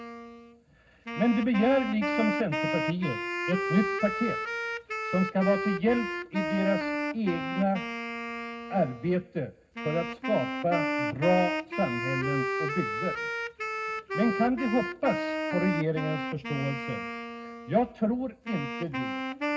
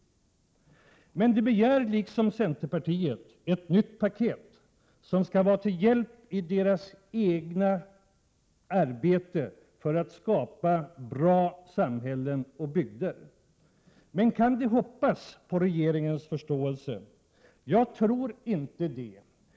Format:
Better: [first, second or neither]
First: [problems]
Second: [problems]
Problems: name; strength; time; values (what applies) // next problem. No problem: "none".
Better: second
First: background sound (Wind instrument, woodwind instrument); 3 dB below the speech // room echo; dies away in 0.4 s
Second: none